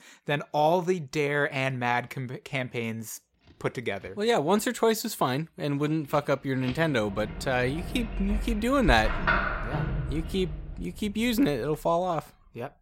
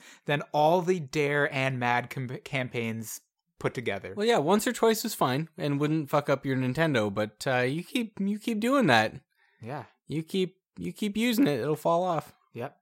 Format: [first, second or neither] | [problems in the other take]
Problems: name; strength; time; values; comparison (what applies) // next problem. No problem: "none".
second | household noises; loud; throughout; 6 dB below the speech